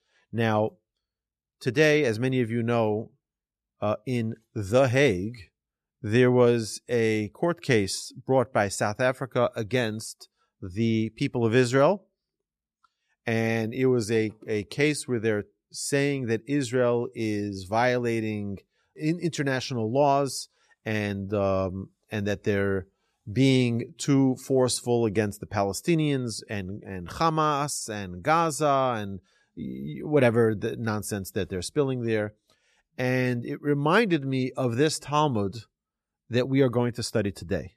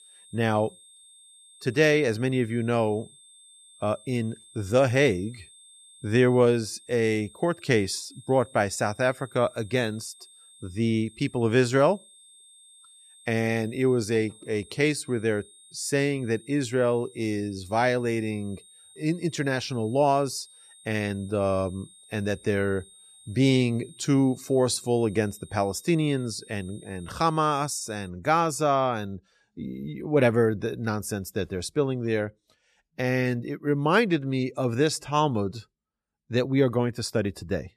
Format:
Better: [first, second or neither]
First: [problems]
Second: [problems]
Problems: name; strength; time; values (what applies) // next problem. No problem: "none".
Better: first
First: none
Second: high-pitched whine; faint; until 28 s; 8.5 kHz, 25 dB below the speech